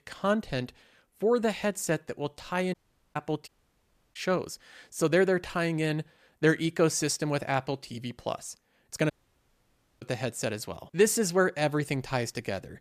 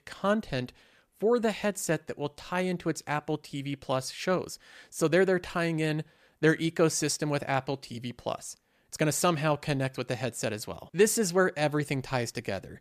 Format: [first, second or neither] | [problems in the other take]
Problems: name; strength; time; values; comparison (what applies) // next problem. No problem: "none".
second | audio cutting out; at 2.5 s, at 3.5 s for 0.5 s and at 9 s for 1 s